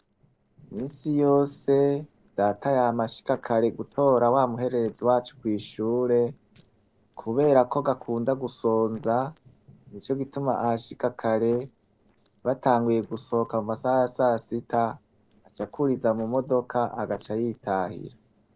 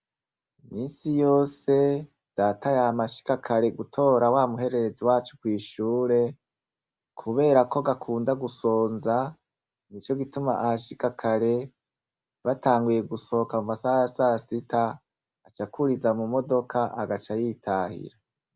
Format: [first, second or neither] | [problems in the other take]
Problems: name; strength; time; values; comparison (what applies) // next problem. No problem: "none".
second | noise reduction (neural separator model SepFormer DNS4)